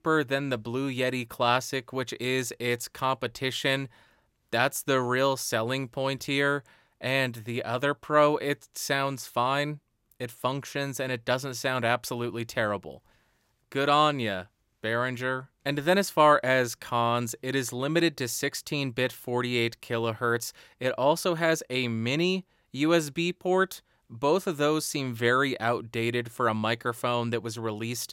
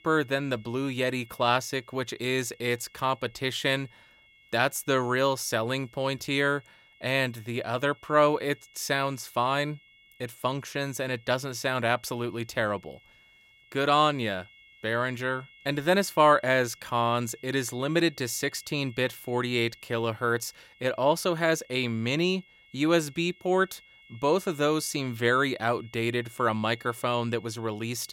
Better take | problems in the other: first | high-pitched whine; faint; throughout; 2 kHz, 25 dB below the speech

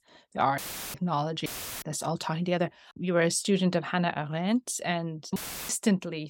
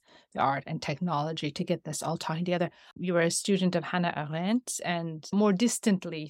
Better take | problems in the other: second | audio cutting out; filled with static; at 0.5 s, at 1.5 s and at 5.5 s

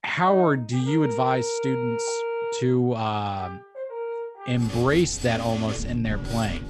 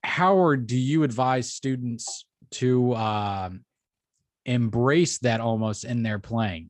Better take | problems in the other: second | background music; loud; throughout; 7 dB below the speech

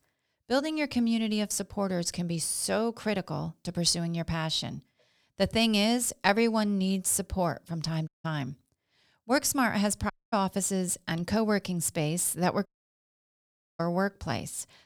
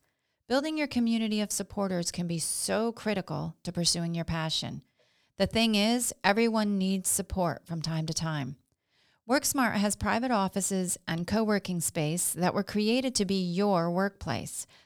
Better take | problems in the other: second | audio cutting out; at 8 s, at 10 s and at 13 s for 1 s

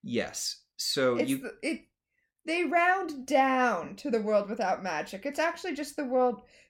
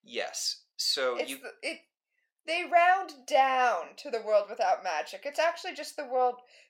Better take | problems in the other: first | thin; very; fading below 600 Hz

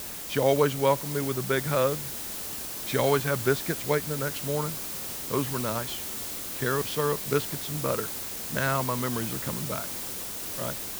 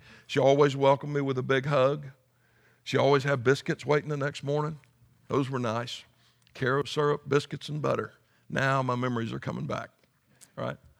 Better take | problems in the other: second | hiss; loud; throughout; 4 dB below the speech

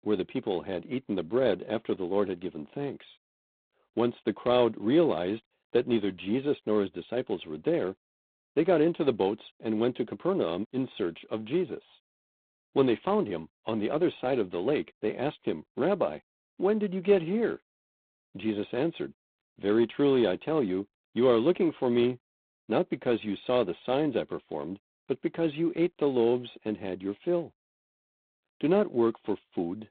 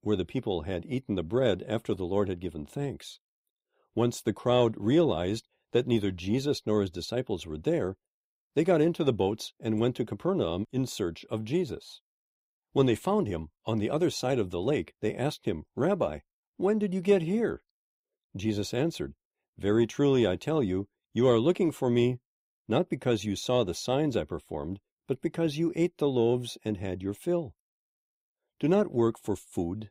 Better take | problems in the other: second | phone-call audio; poor line; nothing above 3.5 kHz

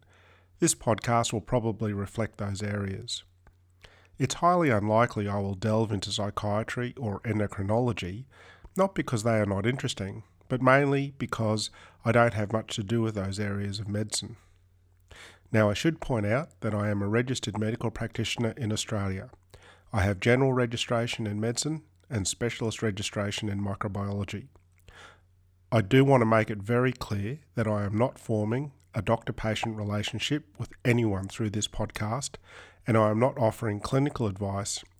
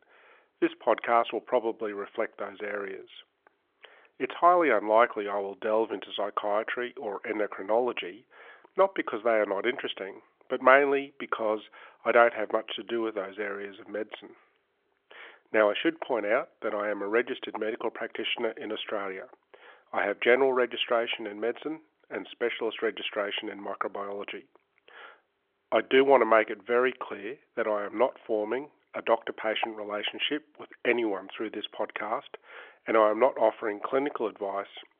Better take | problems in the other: first | phone-call audio; nothing above 3.5 kHz

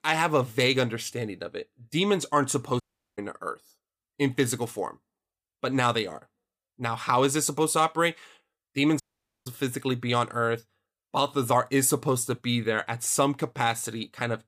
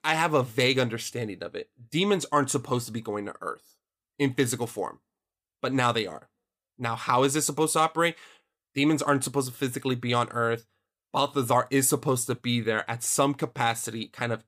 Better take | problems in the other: second | audio cutting out; at 3 s and at 9 s

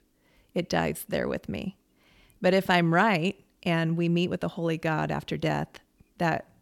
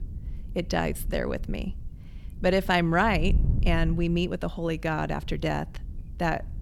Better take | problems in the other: first | wind noise on the microphone; occasional gusts; 20 dB below the speech

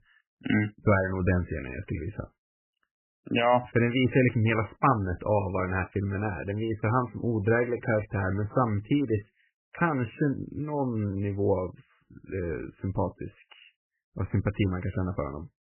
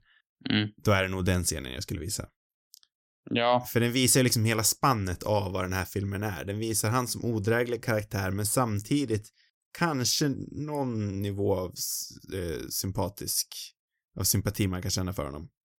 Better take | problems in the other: second | garbled, watery; badly; nothing above 3 kHz

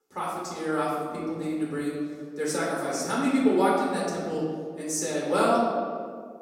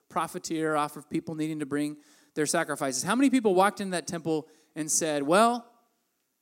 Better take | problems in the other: second | room echo; noticeable; dies away in 1.8 s // off-mic speech; far

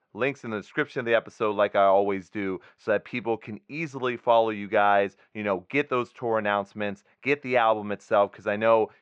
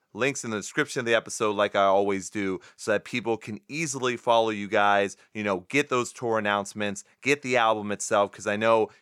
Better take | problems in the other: second | muffled; very; fading above 3 kHz

